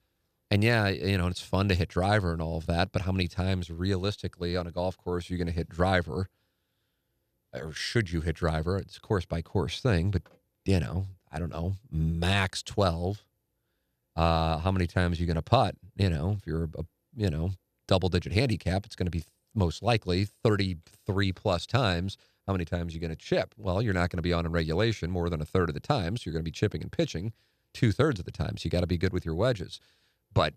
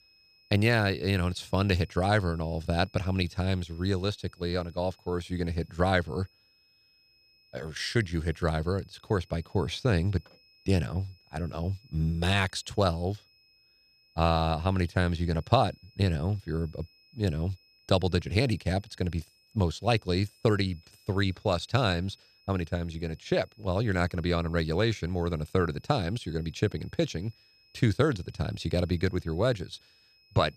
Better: first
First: none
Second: high-pitched whine; faint; throughout; 5 kHz, 30 dB below the speech

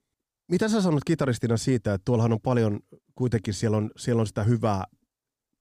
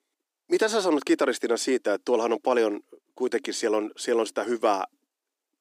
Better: first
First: none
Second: thin; very; fading below 300 Hz

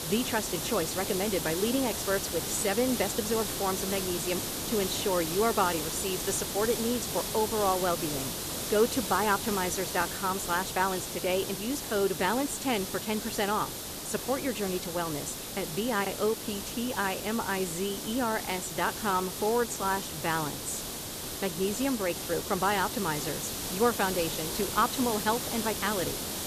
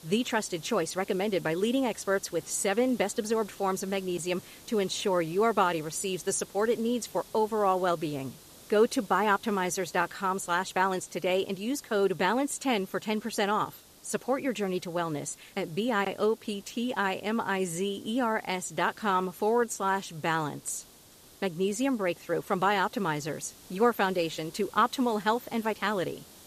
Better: second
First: hiss; loud; throughout; 3 dB below the speech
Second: hiss; faint; throughout; 20 dB below the speech

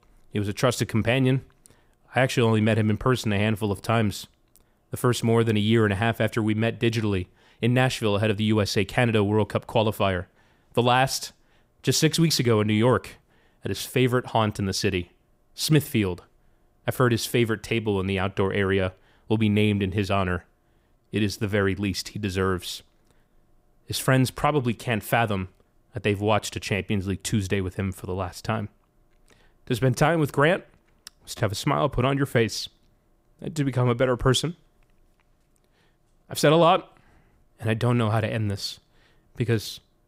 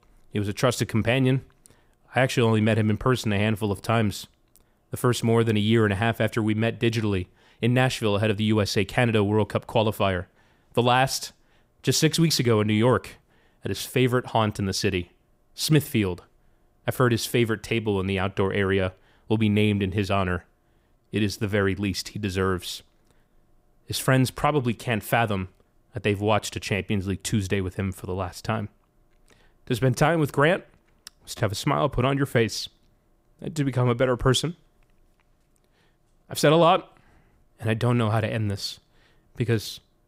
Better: neither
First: none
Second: none

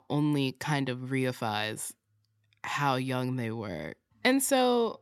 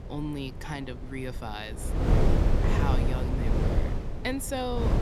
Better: first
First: none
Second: wind noise on the microphone; heavy; 1 dB above the speech

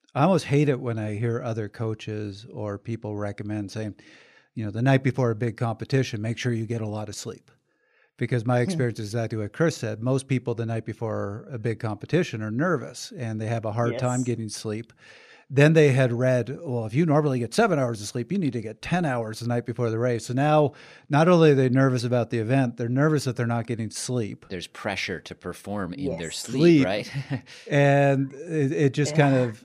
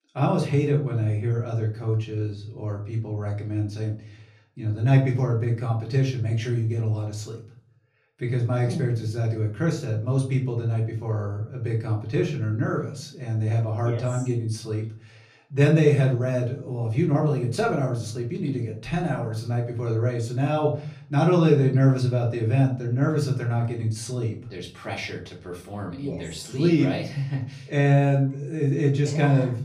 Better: first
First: none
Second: off-mic speech; far // room echo; slight; dies away in 0.5 s

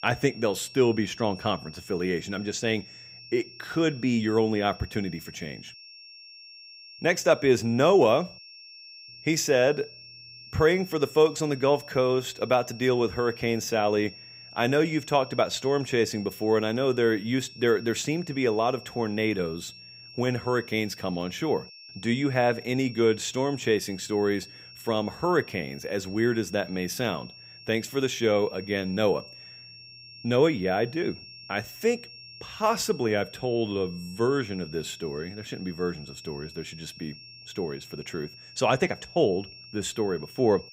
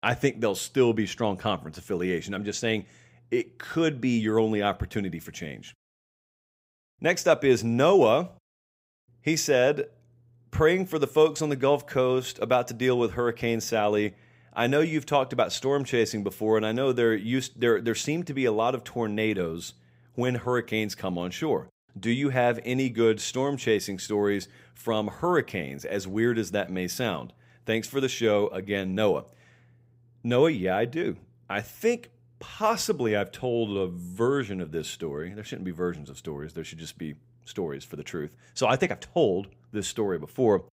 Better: second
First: high-pitched whine; noticeable; throughout; 5.5 kHz, 20 dB below the speech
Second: none

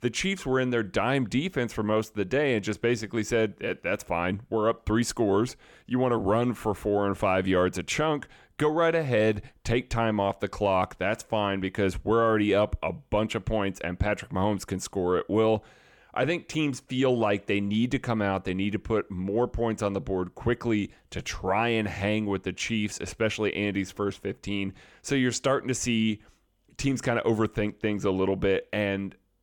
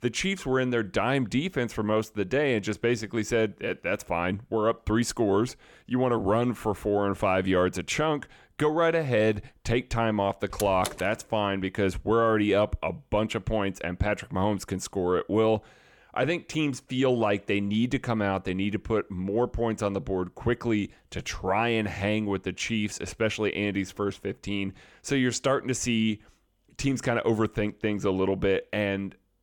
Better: first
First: none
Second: door banging; noticeable; at 11 s; peak 8 dB below the speech

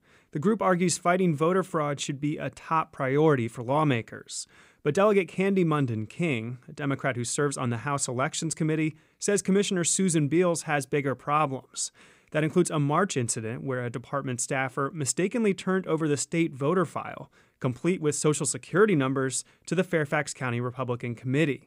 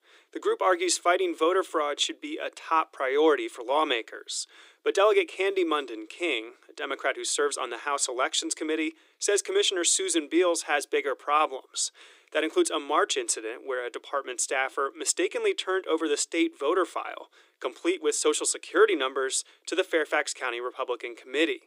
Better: first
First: none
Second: thin; very; fading below 300 Hz

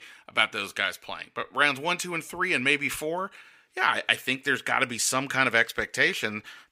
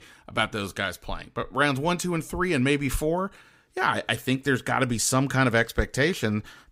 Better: second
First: thin; somewhat; fading below 1 kHz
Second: none

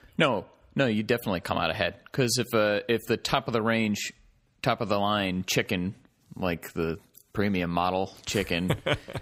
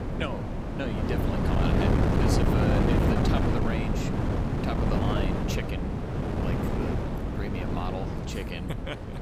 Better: first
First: none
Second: wind noise on the microphone; heavy; 5 dB above the speech

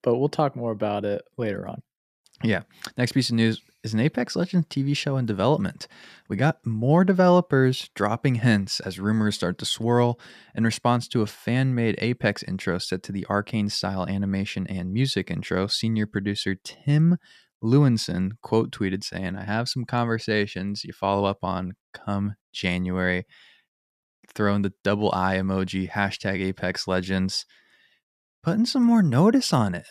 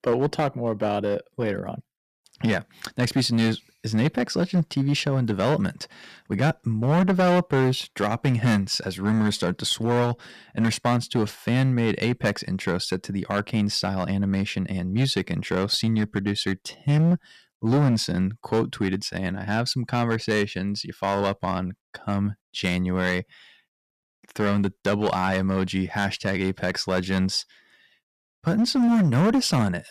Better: first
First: none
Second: distortion; slight; 7% of the sound clipped

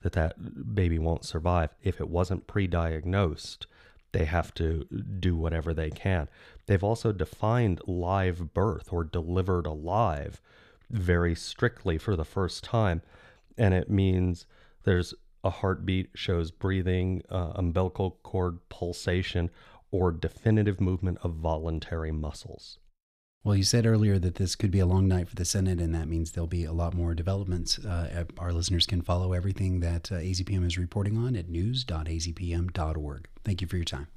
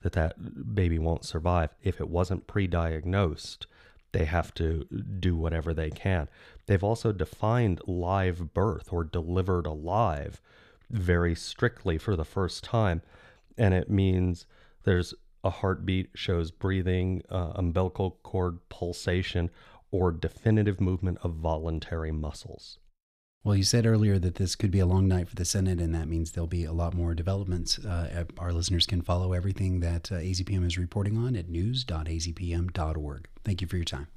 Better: neither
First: none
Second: none

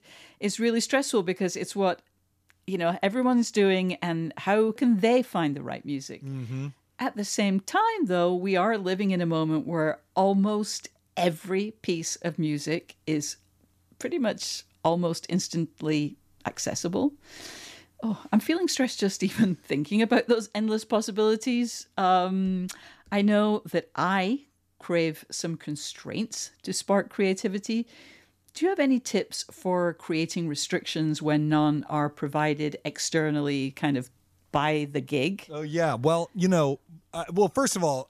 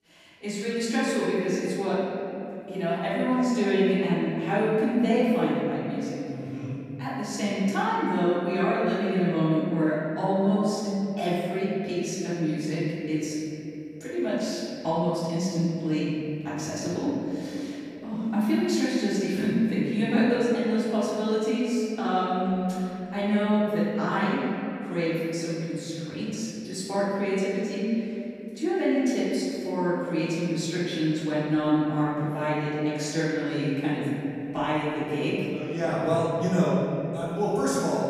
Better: first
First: none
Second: off-mic speech; far // room echo; strong; dies away in 3 s

